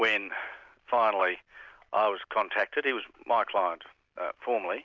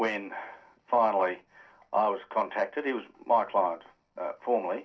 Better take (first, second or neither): first